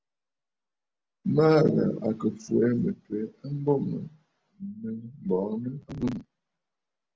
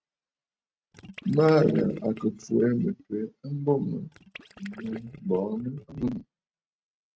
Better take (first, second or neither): first